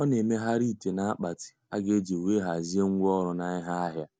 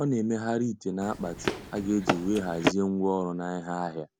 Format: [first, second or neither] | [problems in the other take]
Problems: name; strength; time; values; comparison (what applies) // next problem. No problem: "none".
first | background sound (Run); 2 dB below the speech